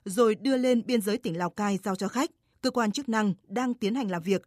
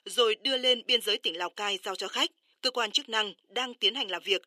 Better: first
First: none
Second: thin; somewhat; fading below 350 Hz

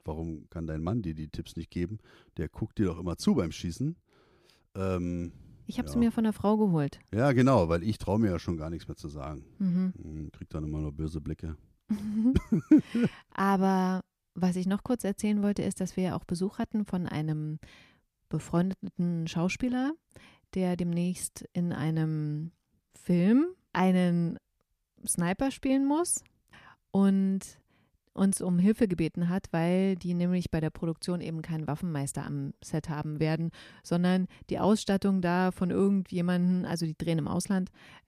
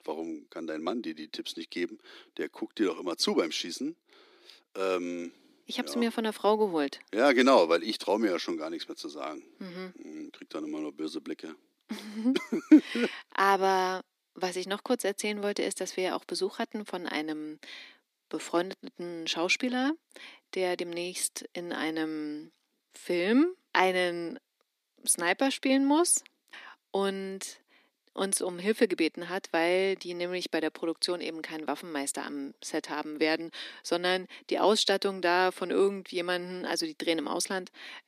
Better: first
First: none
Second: thin; somewhat; fading below 250 Hz

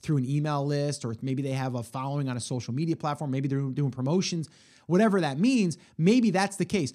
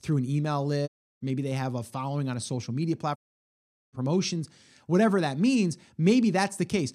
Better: first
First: none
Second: audio cutting out; at 1 s and at 3 s for 1 s

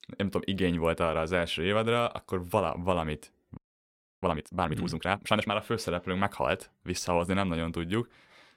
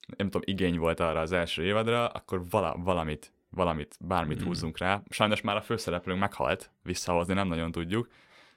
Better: second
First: audio freezing; at 3.5 s for 0.5 s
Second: none

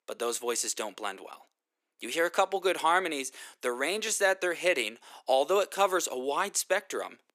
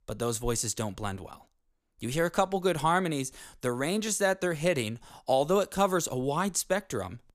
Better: second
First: thin; somewhat; fading below 300 Hz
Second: none

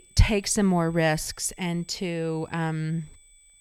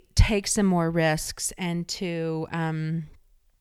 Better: second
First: high-pitched whine; faint; throughout; 8 kHz, 25 dB below the speech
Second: none

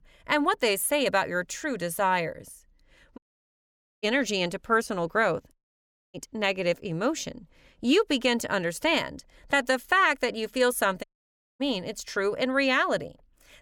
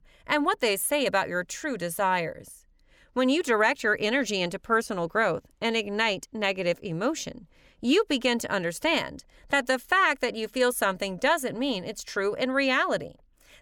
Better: second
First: audio cutting out; at 3 s for 1 s, at 5.5 s for 0.5 s and at 11 s for 0.5 s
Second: none

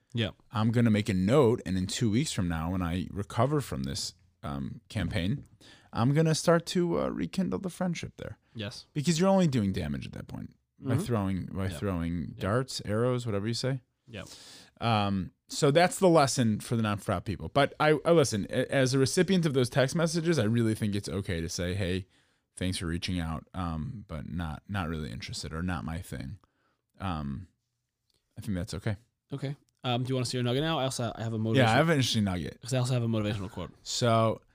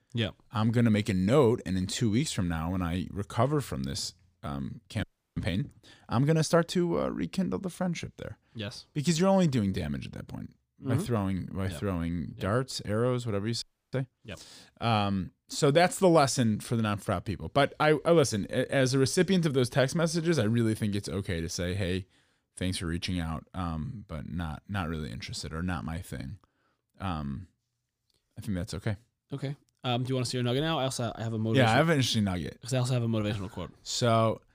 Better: first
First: none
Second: audio freezing; at 5 s and at 14 s

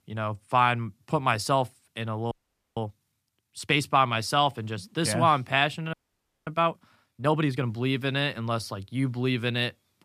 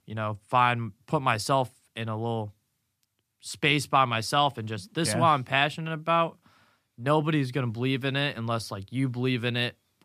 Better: second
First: audio freezing; at 2.5 s and at 6 s for 0.5 s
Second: none

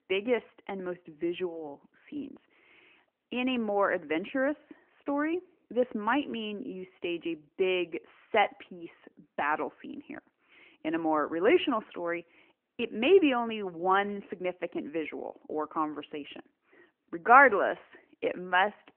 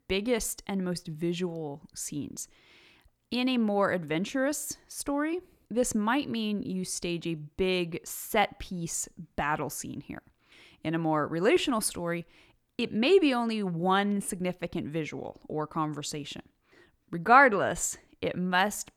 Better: second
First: phone-call audio; nothing above 3 kHz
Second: none

